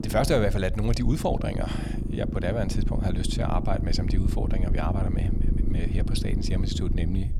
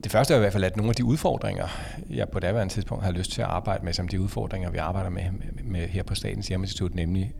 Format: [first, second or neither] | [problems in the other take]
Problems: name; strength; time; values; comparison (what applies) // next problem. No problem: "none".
second | low rumble; loud; throughout; 8 dB below the speech; faint in the second